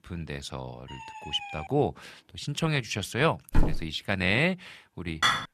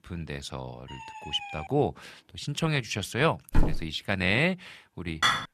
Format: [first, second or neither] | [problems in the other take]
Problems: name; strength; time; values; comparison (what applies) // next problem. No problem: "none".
neither | siren; noticeable; at 1 s; peak 10 dB below the speech; the same in both // footsteps; noticeable; at 3.5 s; peak level with the speech; the same in both // clattering dishes; loud; at 5 s; peak 4 dB above the speech; the same in both